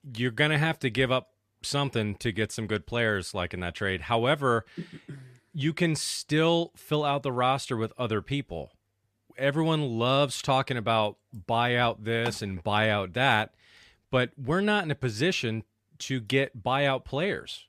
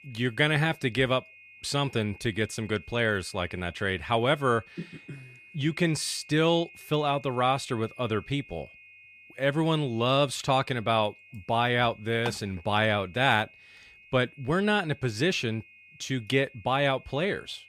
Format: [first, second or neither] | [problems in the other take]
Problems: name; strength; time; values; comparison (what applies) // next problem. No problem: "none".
first | high-pitched whine; faint; throughout; 2.5 kHz, 25 dB below the speech